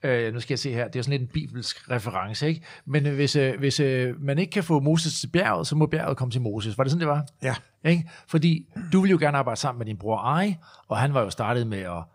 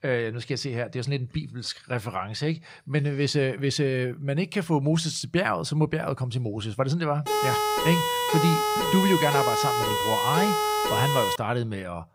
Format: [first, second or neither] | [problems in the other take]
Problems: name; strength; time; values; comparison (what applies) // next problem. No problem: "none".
first | siren; loud; from 7.5 to 11 s; peak 3 dB above the speech